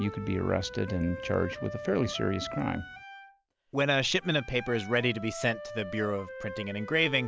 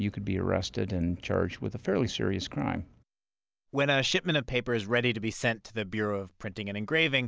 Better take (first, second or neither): second